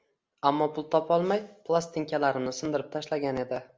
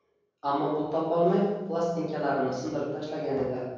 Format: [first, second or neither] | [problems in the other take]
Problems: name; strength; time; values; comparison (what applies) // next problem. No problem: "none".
first | room echo; dies away in 1.3 s